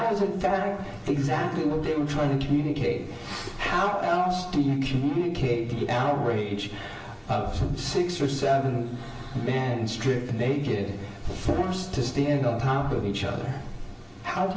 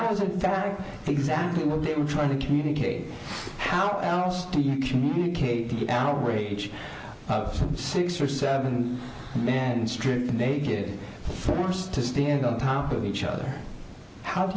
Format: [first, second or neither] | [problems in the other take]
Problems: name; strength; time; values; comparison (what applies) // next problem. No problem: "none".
second | room echo; dies away in 0.8 s